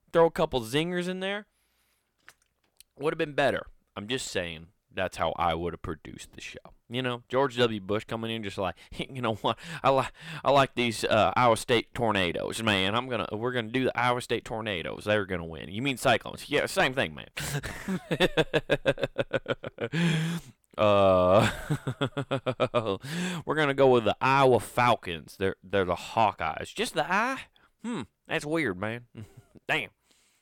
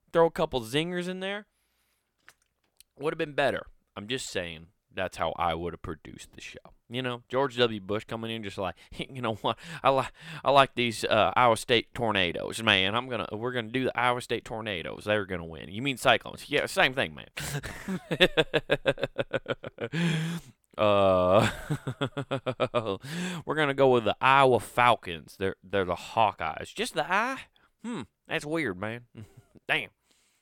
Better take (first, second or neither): second